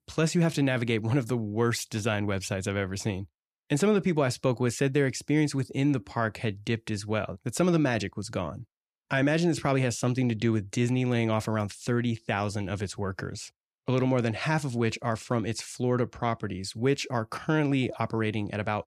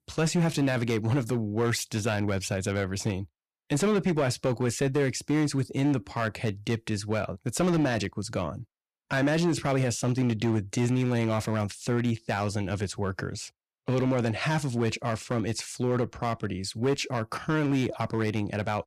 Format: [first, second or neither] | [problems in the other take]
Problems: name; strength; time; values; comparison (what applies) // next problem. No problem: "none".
first | distortion; slight; 6% of the sound clipped